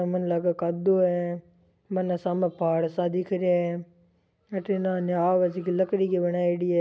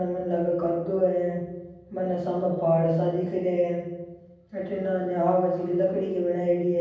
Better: first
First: none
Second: room echo; dies away in 1.2 s

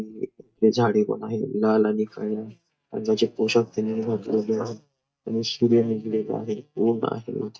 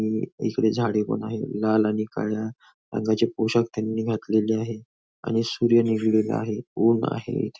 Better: second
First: noise reduction (neural mask model DeepFilterNet 3)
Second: none

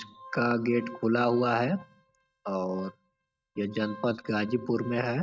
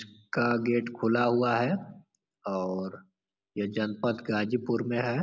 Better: second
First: noise reduction (neural mask model RNNoise)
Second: none

